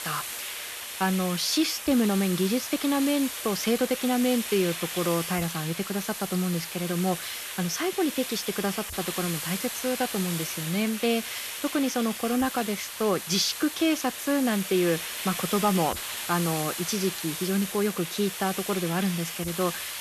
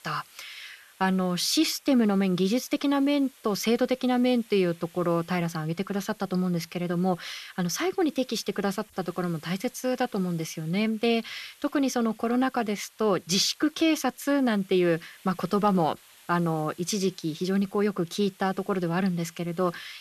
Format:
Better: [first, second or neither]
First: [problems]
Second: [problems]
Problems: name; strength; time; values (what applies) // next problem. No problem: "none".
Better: second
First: hiss; loud; throughout; 5 dB below the speech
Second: hiss; faint; throughout; 25 dB below the speech